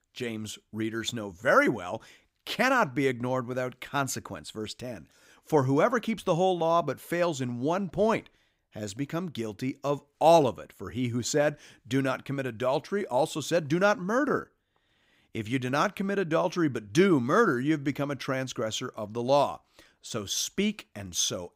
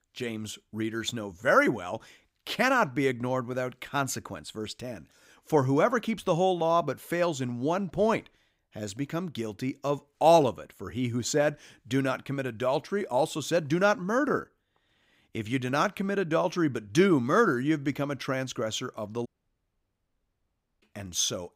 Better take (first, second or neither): first